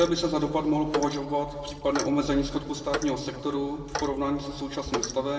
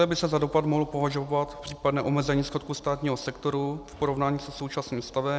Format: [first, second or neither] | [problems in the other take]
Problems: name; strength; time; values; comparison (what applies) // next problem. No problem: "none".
second | background sound (Clock); 10 dB below the speech // room echo; dies away in 1.6 s